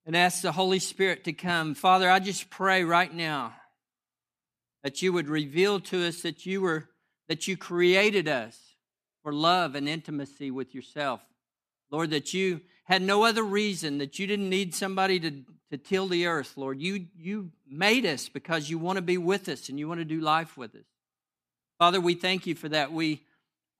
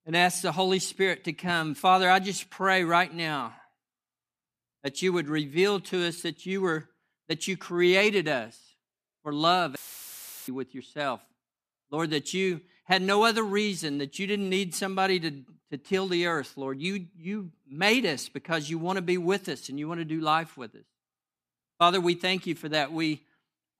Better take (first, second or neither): first